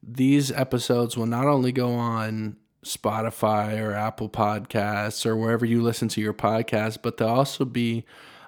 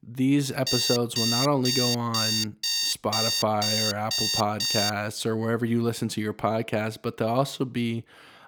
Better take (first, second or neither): first